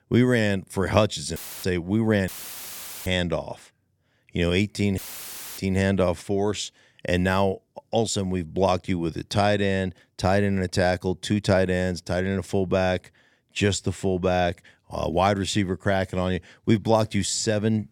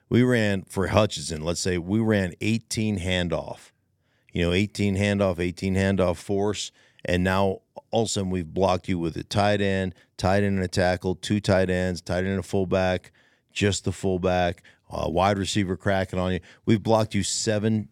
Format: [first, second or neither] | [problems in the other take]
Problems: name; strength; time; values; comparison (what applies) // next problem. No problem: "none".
second | audio cutting out; filled with static; at 1.5 s, at 2.5 s for 1 s and at 5 s for 0.5 s